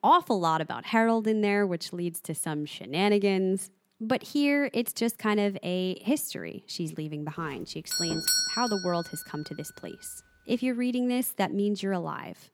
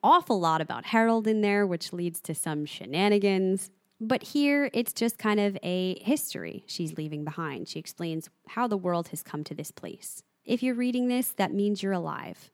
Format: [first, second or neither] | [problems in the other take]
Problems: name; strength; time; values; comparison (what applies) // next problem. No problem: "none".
second | doorbell; loud; from 8 to 9 s; peak 4 dB above the speech